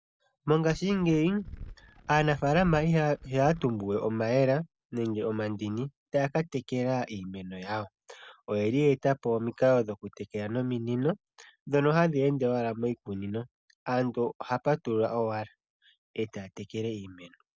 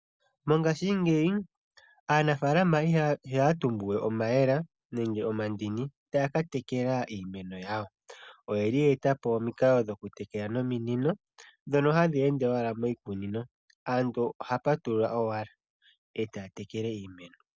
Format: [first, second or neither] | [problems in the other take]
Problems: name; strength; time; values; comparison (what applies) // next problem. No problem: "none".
second | background sound (Glass); 16 dB below the speech